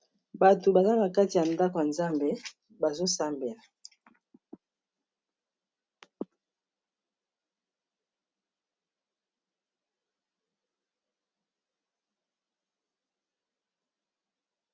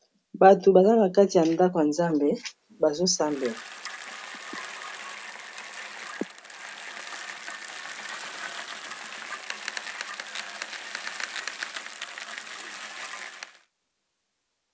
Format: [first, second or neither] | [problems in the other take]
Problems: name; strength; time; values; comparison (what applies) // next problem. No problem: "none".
first | background sound (Bicycle); 12 dB below the speech